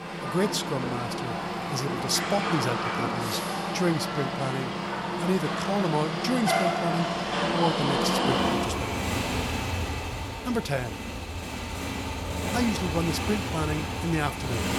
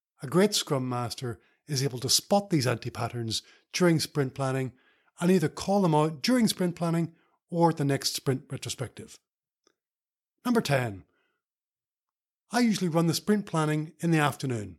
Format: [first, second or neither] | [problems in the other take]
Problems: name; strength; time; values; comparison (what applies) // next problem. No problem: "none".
second | traffic noise; very loud; throughout; 1 dB above the speech